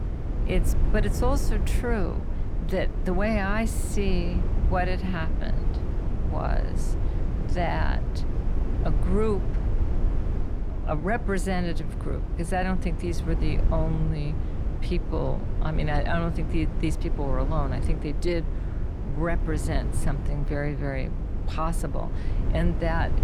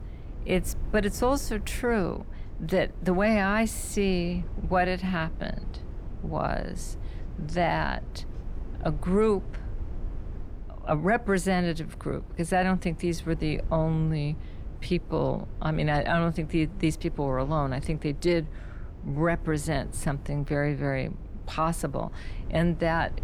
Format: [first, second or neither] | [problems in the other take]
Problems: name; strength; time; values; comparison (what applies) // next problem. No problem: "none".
second | low rumble; loud; throughout; 9 dB below the speech; faint in the second